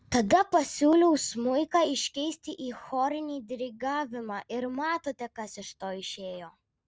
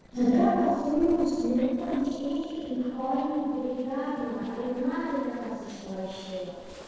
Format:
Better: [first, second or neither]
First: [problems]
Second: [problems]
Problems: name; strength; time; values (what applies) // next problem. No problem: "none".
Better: first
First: none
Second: noise reduction (neural separator model SepFormer DNS4)